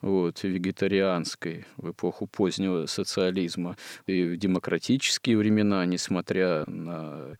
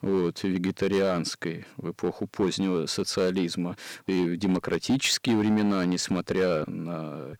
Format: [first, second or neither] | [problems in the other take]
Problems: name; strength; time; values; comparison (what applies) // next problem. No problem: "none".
first | distortion; slight; 5% of the sound clipped